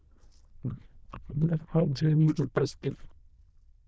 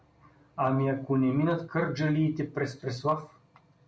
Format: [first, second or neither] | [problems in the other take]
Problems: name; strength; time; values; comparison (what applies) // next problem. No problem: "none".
second | noise reduction (neural diffusion model UNIVERSE++)